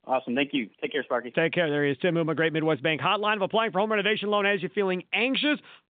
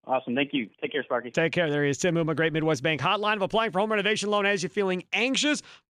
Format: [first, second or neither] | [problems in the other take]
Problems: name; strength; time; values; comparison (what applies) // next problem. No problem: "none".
second | phone-call audio